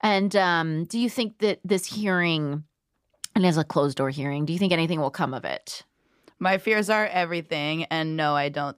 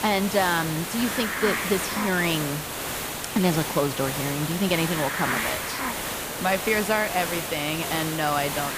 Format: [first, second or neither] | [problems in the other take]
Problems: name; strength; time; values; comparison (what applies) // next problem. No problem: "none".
first | hiss; loud; throughout; 3 dB below the speech